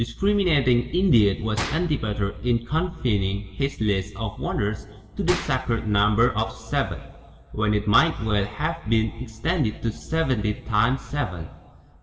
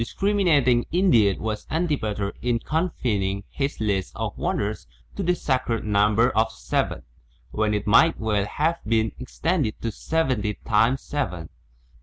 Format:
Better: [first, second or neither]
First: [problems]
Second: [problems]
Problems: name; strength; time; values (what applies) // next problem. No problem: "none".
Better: second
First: background sound (Gunshot, gunfire); 14 dB below the speech // room echo; dies away in 1.5 s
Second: none